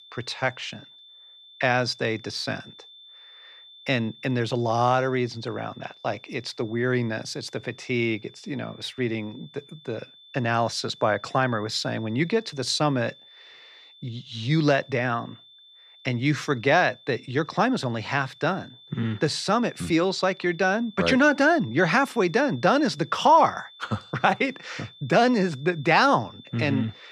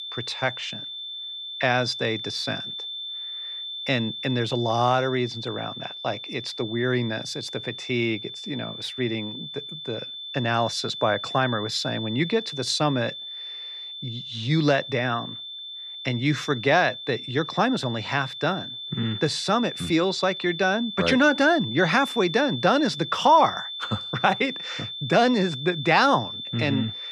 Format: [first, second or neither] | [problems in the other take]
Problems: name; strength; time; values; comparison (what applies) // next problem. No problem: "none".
first | high-pitched whine; loud; throughout; 3.5 kHz, 9 dB below the speech; faint in the first